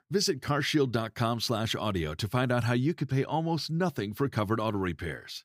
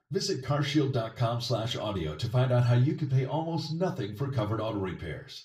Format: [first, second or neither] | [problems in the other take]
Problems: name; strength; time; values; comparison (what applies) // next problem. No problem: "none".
first | room echo; slight; dies away in 0.3 s // off-mic speech; far